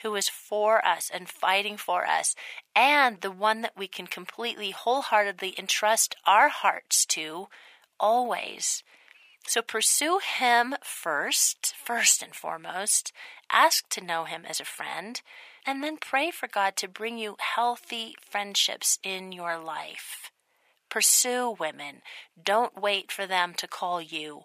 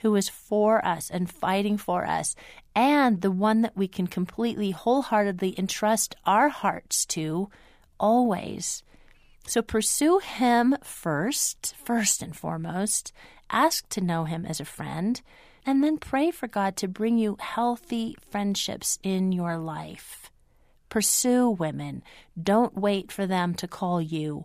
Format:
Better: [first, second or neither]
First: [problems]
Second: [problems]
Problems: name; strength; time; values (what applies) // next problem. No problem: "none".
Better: second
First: thin; very; fading below 700 Hz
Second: none